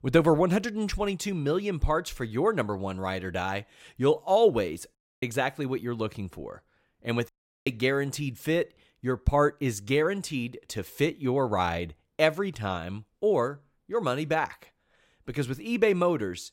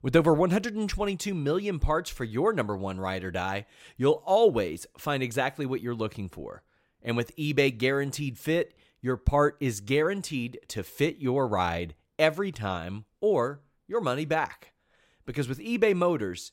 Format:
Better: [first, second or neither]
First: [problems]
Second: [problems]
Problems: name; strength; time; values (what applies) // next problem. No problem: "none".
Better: second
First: audio cutting out; at 5 s and at 7.5 s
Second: none